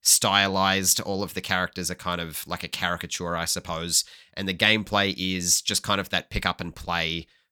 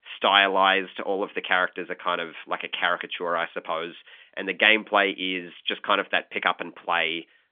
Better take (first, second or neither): first